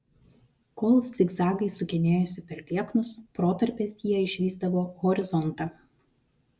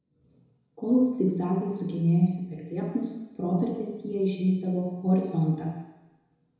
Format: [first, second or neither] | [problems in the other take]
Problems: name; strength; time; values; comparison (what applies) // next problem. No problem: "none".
first | room echo; dies away in 1 s